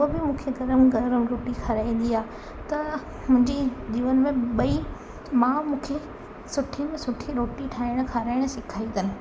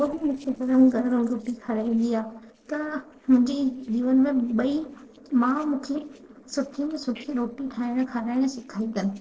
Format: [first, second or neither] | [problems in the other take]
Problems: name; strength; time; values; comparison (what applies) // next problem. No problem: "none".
first | noise reduction (neural separator model SepFormer DNS4)